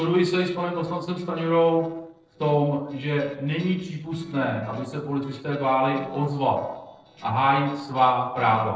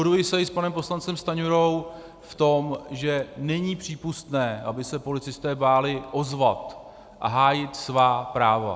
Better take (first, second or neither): second